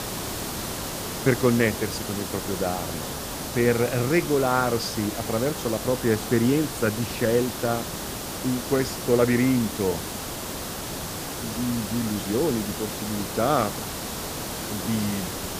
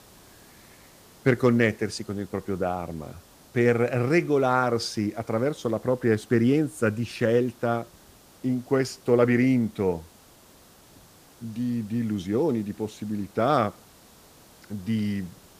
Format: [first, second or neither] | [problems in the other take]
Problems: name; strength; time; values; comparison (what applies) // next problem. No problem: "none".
second | hiss; loud; throughout; 6 dB below the speech; faint in the second